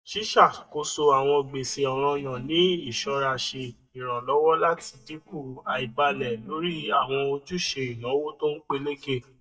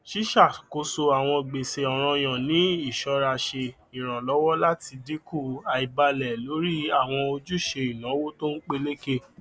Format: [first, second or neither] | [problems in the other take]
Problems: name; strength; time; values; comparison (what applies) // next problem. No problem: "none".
second | noise reduction (neural mask model DeepFilterNet 3)